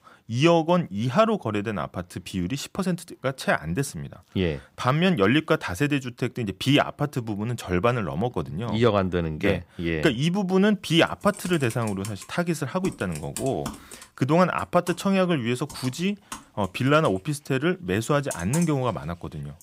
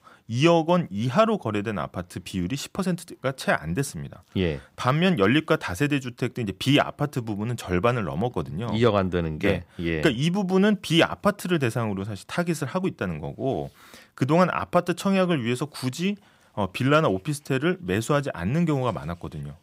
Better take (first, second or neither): second